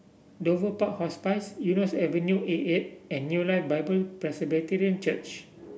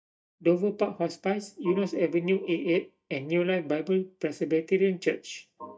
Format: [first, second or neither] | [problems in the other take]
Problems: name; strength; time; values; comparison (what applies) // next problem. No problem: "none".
first | noise reduction (neural mask model DeepFilterNet 3)